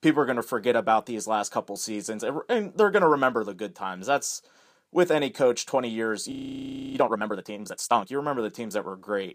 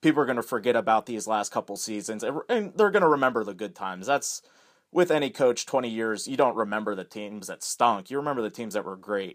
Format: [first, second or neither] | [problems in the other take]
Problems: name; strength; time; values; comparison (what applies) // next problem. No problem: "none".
second | audio freezing; at 6.5 s for 0.5 s